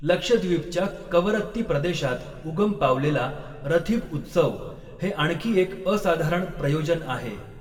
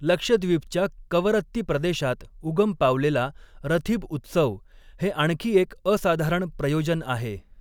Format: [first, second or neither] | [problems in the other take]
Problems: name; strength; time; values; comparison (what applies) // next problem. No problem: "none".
second | room echo; dies away in 1.4 s